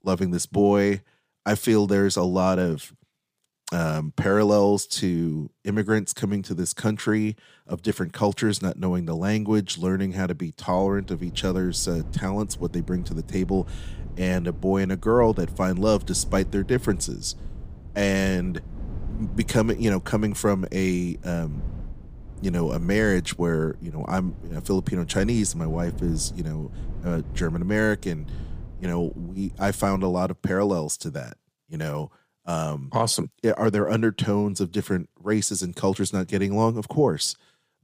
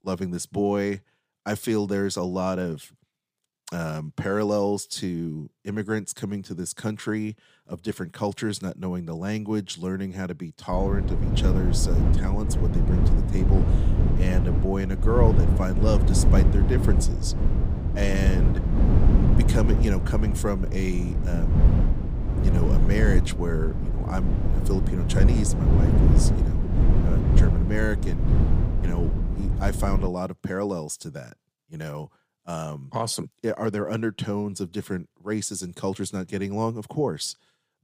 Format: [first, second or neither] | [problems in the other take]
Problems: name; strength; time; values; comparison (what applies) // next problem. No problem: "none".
first | low rumble; loud; from 11 to 30 s; 4 dB below the speech; faint in the first